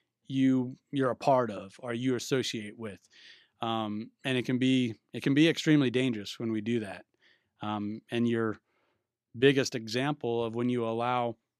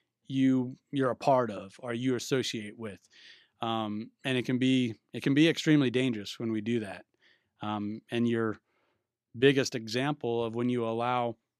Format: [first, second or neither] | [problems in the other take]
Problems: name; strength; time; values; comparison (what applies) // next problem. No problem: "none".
neither | none